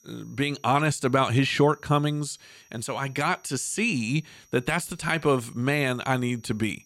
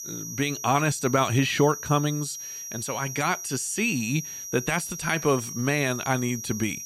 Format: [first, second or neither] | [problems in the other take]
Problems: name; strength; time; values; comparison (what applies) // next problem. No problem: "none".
first | high-pitched whine; loud; throughout; 6 kHz, 8 dB below the speech; faint in the first